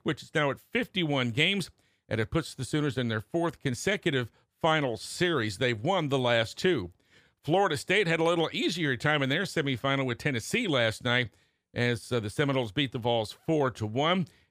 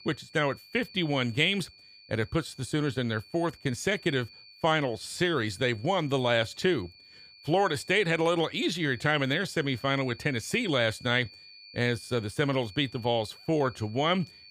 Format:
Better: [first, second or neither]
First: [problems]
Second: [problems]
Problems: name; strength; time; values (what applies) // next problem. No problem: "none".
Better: first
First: none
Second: high-pitched whine; faint; throughout; 4.5 kHz, 20 dB below the speech